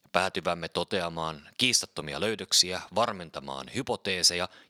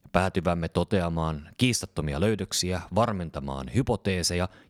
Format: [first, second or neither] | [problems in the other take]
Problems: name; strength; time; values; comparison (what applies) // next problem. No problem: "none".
second | thin; somewhat; fading below 600 Hz